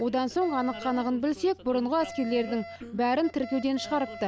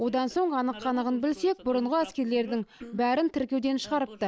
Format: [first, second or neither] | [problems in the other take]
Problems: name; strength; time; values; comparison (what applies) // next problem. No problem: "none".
second | background sound (Alarm); 16 dB below the speech